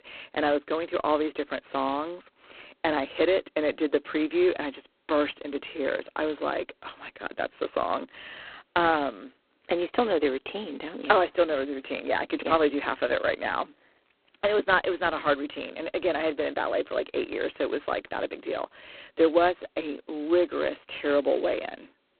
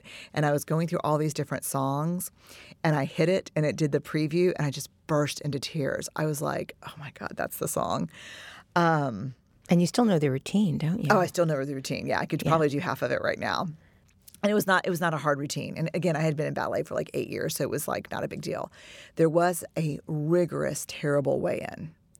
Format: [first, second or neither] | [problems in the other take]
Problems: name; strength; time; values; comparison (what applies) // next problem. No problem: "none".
second | phone-call audio; poor line; nothing above 4 kHz